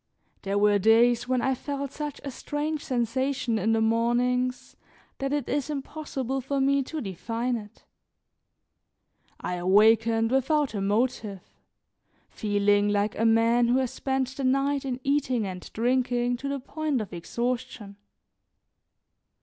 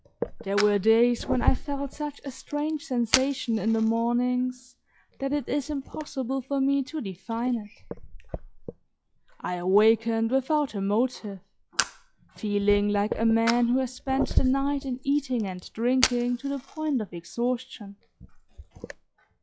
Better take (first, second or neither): first